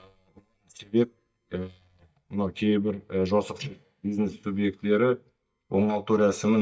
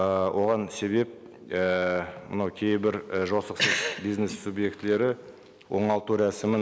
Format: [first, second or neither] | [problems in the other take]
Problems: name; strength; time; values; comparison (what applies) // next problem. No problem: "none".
second | noise reduction (neural mask model DeepFilterNet 3)